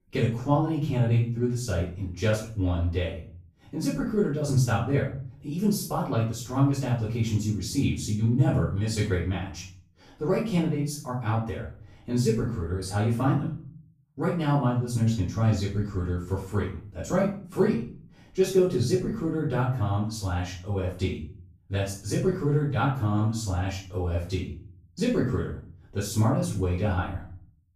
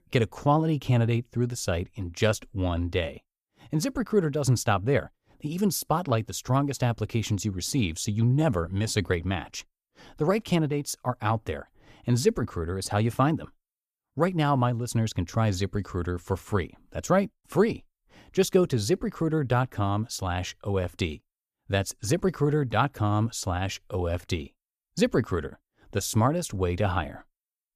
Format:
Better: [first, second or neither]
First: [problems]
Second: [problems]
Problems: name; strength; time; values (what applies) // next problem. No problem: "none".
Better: second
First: off-mic speech; far // room echo; noticeable; dies away in 0.5 s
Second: none